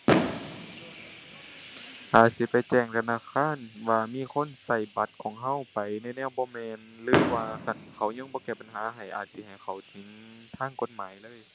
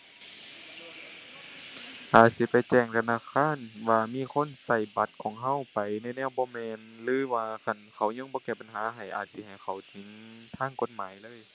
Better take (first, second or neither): second